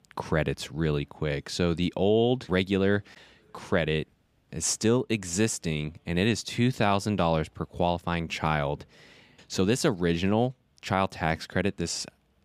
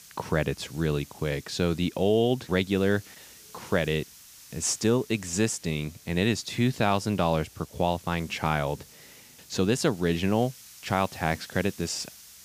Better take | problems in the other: first | hiss; faint; throughout; 20 dB below the speech

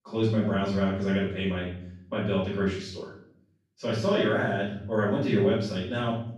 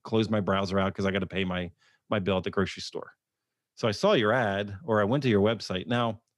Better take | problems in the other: second | off-mic speech; far // room echo; noticeable; dies away in 0.6 s

